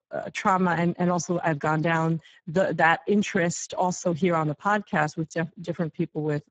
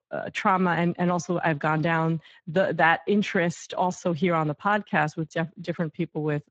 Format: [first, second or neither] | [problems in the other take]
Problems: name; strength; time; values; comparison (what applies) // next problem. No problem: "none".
second | garbled, watery; badly; nothing above 7.5 kHz; slightly in the second